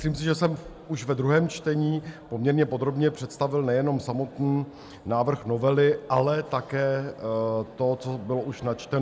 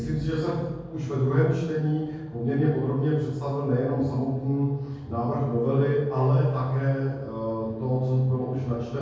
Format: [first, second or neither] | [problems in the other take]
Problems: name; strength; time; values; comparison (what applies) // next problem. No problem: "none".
first | room echo; dies away in 1.3 s